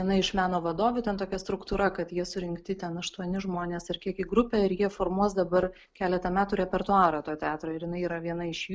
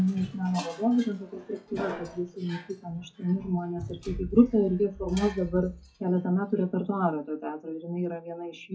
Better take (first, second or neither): first